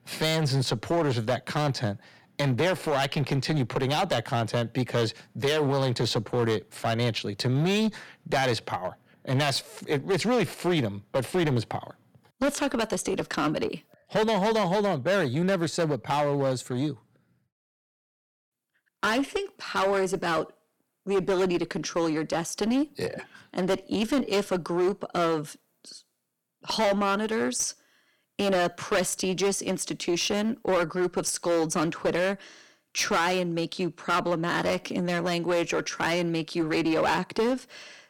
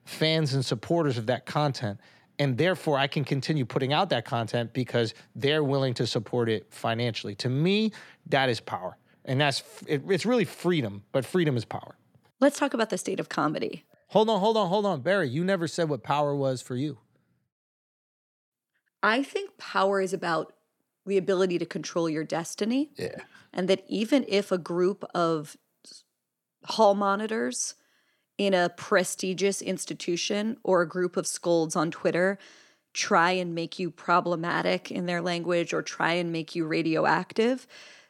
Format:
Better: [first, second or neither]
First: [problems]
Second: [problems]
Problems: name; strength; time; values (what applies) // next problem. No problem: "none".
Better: second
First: distortion; heavy; 10% of the sound clipped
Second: none